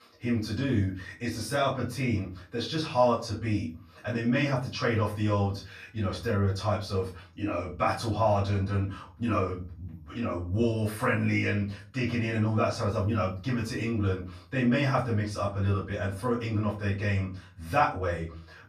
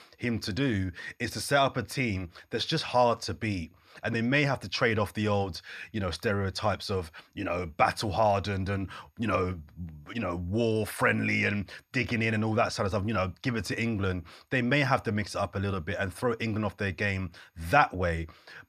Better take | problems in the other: second | room echo; slight; dies away in 0.3 s // off-mic speech; far

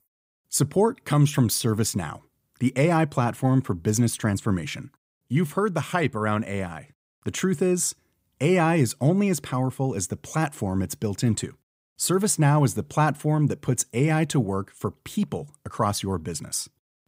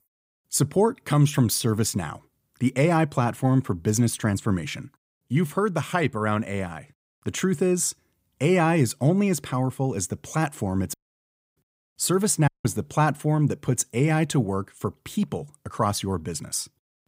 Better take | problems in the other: first | audio cutting out; at 11 s for 0.5 s and at 12 s

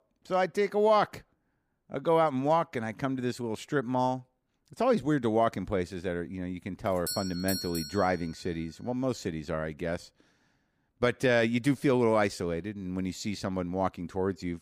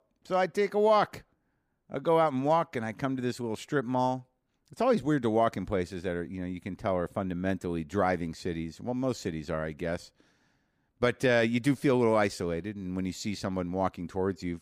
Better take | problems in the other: second | doorbell; noticeable; from 7 to 8 s; peak 5 dB below the speech

